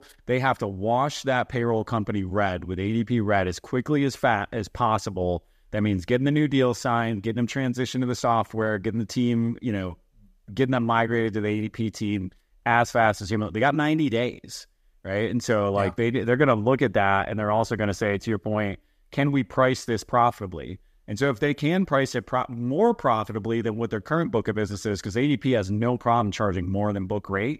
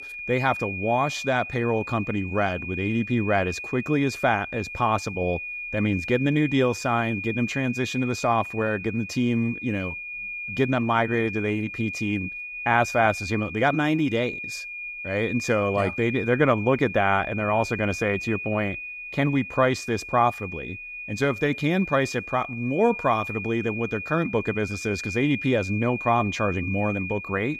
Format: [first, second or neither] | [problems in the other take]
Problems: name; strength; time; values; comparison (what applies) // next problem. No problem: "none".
first | high-pitched whine; loud; throughout; 2.5 kHz, 8 dB below the speech